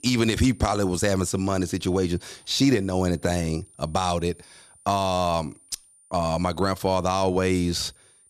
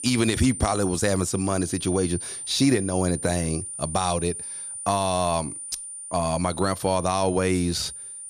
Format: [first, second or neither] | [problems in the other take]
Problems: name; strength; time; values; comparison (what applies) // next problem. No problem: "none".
first | high-pitched whine; loud; throughout; 9 kHz, 8 dB below the speech; faint in the first